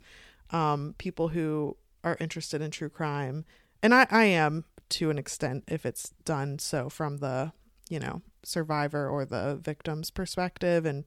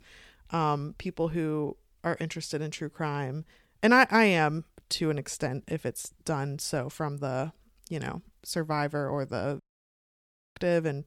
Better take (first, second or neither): first